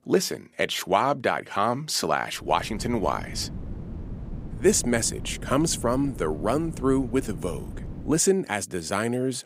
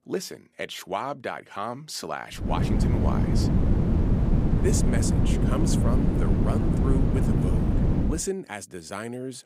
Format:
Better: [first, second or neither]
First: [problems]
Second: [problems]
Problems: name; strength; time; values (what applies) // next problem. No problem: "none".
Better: first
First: wind noise on the microphone; occasional gusts; from 2.5 to 8 s; 20 dB below the speech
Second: wind noise on the microphone; heavy; from 2.5 to 8 s; 1 dB above the speech